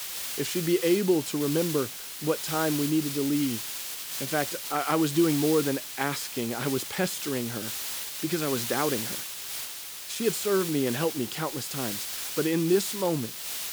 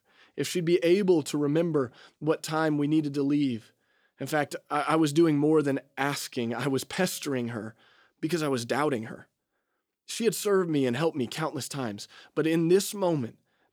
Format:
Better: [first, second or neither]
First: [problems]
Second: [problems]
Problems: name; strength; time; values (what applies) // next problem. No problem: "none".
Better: second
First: hiss; loud; throughout; 4 dB below the speech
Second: none